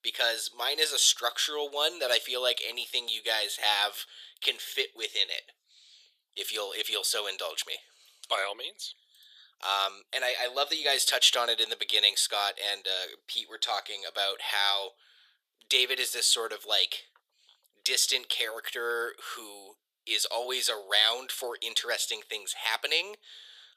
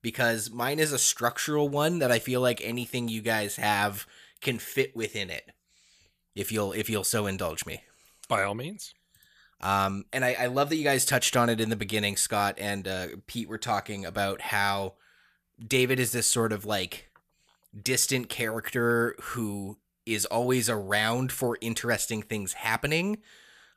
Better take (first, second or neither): second